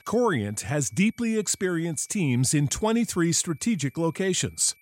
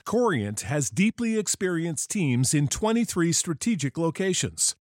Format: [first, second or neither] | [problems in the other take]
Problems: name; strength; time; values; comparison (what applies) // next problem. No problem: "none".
second | high-pitched whine; faint; throughout; 2.5 kHz, 30 dB below the speech